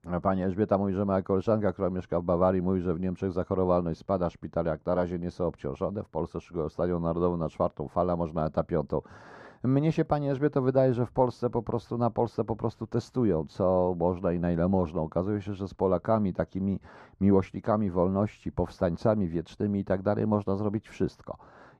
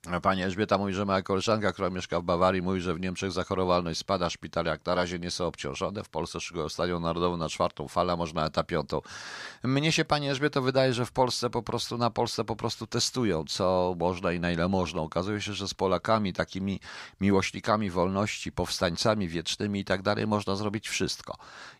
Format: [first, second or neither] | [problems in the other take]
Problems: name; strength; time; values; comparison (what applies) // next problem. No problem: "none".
second | muffled; very; fading above 1.5 kHz